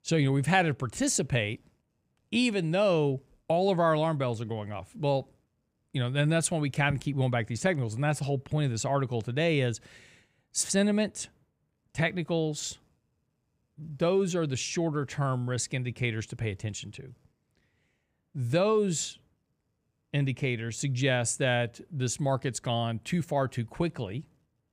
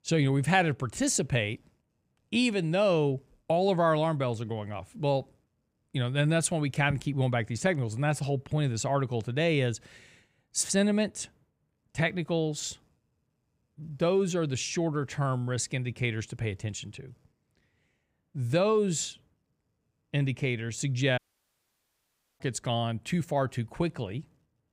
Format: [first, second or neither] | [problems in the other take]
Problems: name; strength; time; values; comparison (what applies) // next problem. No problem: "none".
first | audio cutting out; at 21 s for 1 s